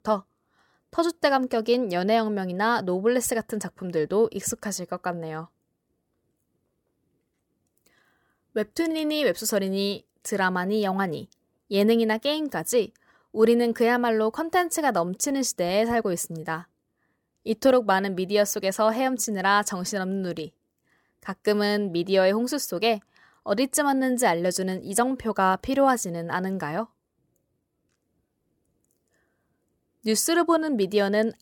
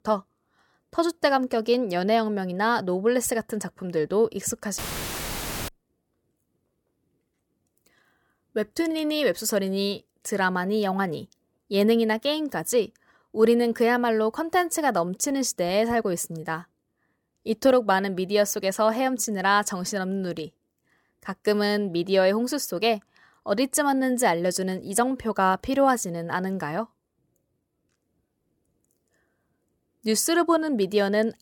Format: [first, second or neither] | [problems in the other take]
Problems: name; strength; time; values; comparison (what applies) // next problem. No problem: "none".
first | audio cutting out; filled with static; at 5 s for 1 s